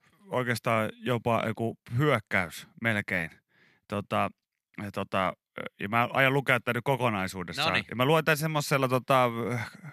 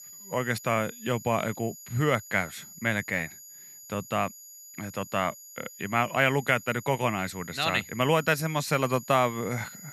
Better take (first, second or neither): first